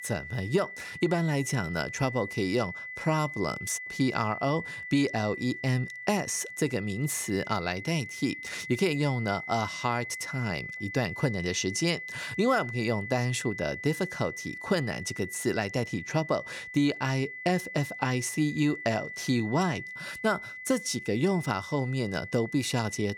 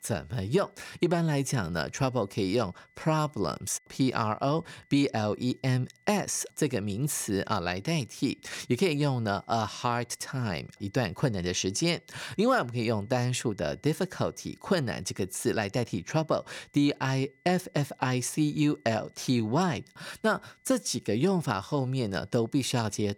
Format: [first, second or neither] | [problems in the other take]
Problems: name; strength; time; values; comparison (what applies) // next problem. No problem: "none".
second | high-pitched whine; loud; throughout; 2 kHz, 9 dB below the speech; faint in the second